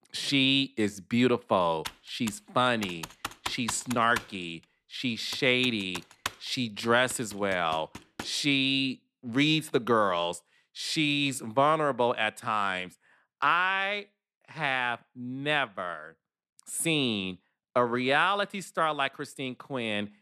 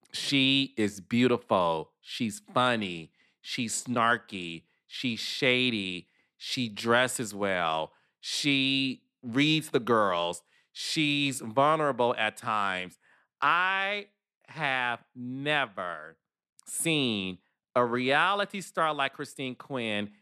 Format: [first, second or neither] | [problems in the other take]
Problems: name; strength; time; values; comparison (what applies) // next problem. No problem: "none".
second | keyboard typing; noticeable; from 2 to 8 s; peak 8 dB below the speech